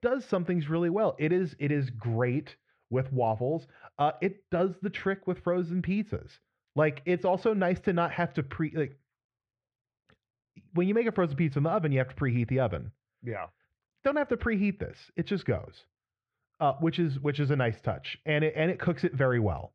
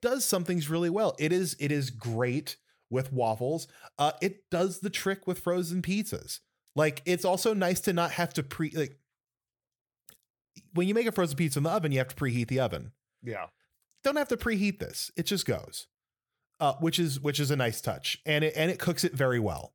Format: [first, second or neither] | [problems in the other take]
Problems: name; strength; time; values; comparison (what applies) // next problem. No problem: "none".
second | muffled; very; fading above 2.5 kHz